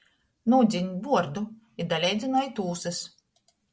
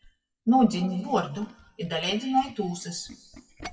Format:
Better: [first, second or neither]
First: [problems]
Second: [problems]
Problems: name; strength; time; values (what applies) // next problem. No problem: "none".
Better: first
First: none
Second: noise reduction (classical method WPE with log-MMSE)